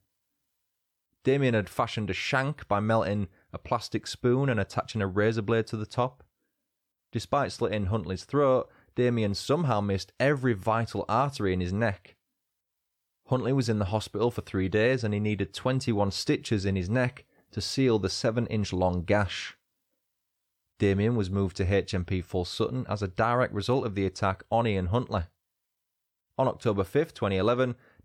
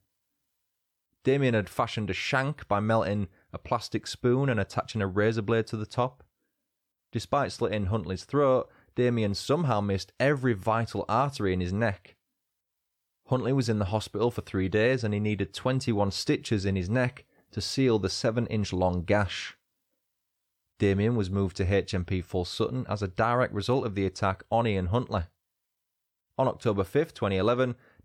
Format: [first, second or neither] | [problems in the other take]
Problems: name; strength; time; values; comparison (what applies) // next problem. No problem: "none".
neither | none